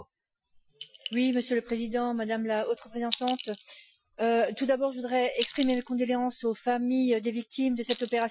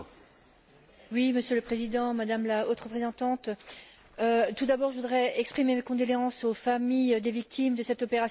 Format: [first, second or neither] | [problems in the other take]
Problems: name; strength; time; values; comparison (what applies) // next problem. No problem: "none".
second | noise reduction (classical method Wiener filter)